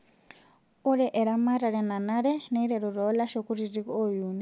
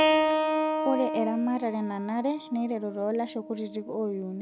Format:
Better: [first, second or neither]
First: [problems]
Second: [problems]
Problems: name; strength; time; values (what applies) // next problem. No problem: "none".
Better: first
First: none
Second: background sound (Keyboard (musical)); as loud as the speech